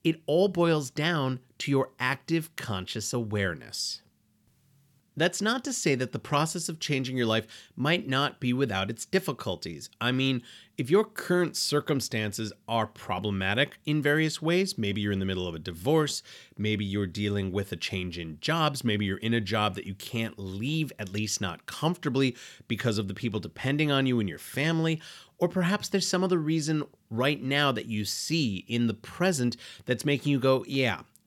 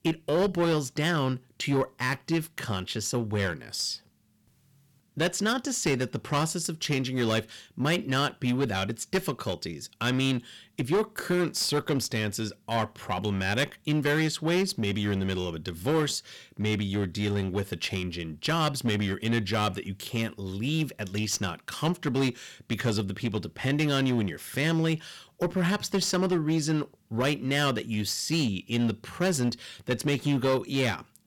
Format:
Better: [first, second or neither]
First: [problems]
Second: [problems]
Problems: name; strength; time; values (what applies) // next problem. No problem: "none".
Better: first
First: none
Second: distortion; slight; 8% of the sound clipped